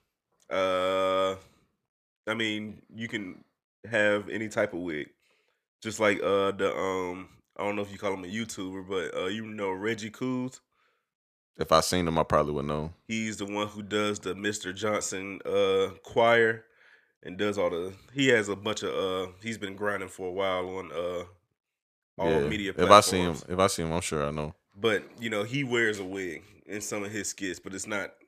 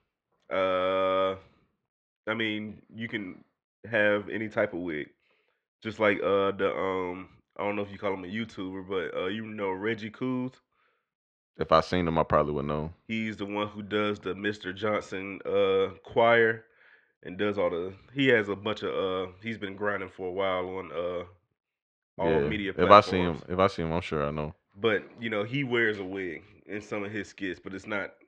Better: first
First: none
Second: muffled; slightly; fading above 3.5 kHz

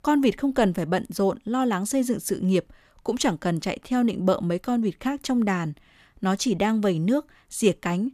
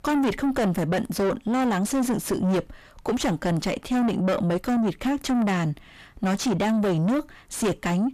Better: first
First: none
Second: distortion; heavy; 6 dB below the speech

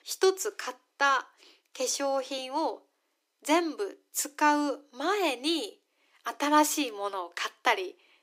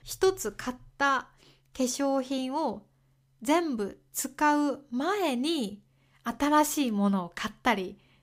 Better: second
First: thin; very slightly; fading below 300 Hz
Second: none

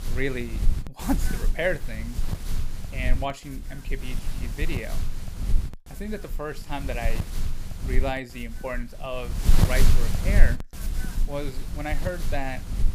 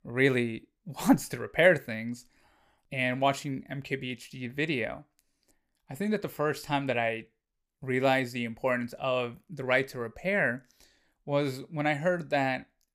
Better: second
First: wind noise on the microphone; heavy; 8 dB below the speech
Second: none

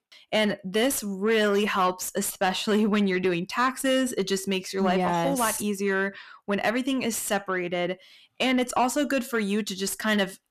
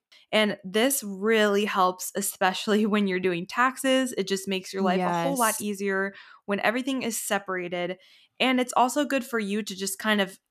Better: second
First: distortion; slight; 10 dB below the speech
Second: none

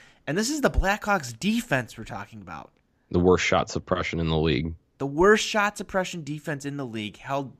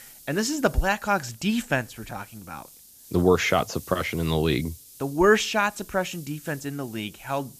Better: first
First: none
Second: hiss; faint; throughout; 20 dB below the speech

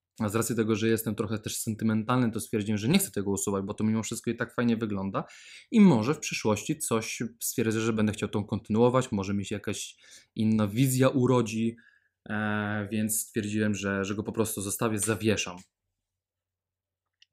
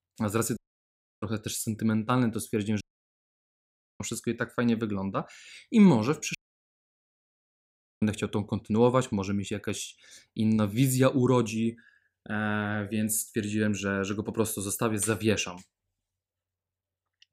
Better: first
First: none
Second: audio cutting out; at 0.5 s for 0.5 s, at 3 s for 1 s and at 6.5 s for 1.5 s

